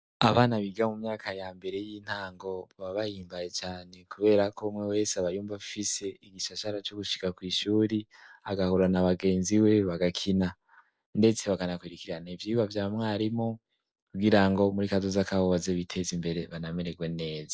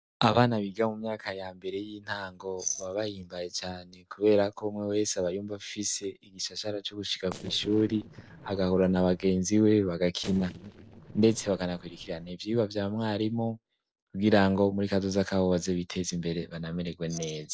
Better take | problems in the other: first | noise reduction (neural separator model SepFormer DNS4)

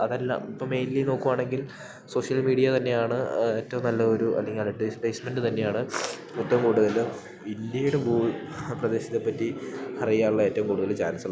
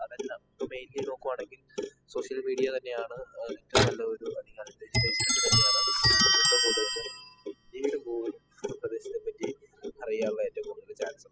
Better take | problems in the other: first | noise reduction (classical method spectral subtraction)

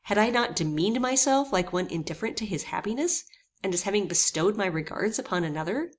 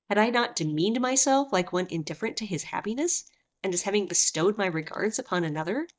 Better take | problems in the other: first | noise reduction (neural mask model DeepFilterNet 3)

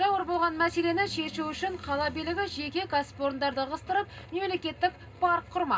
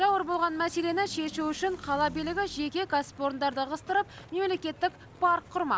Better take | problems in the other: second | room echo; dies away in 0.2 s

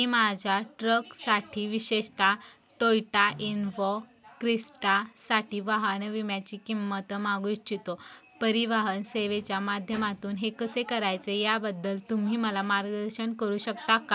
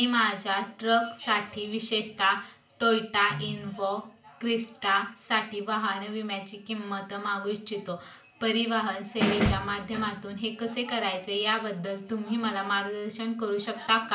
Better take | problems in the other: first | background sound (Snare drum); as loud as the speech // room echo; dies away in 0.4 s

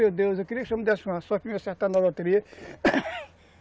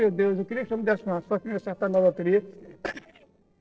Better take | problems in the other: first | noise reduction (neural separator model SepFormer DNS4)

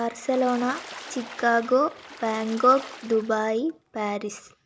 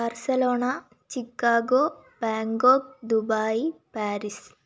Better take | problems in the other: second | background sound (Water / Splash, splatter); 18 dB below the speech

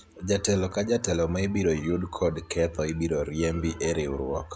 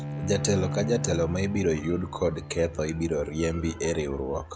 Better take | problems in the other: first | background sound (Bowed string instrument); 9 dB below the speech

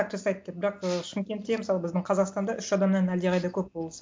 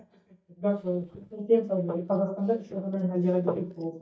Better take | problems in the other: first | noise reduction (neural mask model DeepFilterNet 3)

